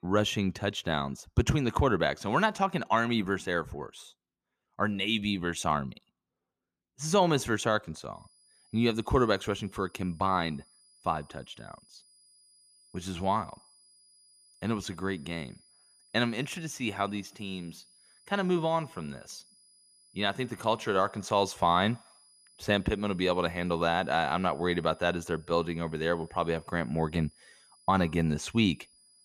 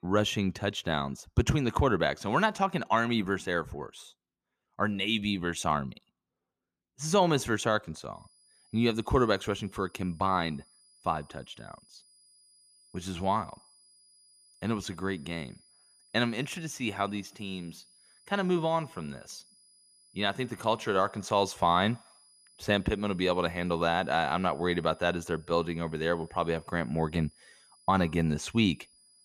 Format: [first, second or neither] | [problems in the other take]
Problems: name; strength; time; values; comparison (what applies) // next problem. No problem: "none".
neither | high-pitched whine; faint; from 8 s on; 5 kHz, 30 dB below the speech; the same in both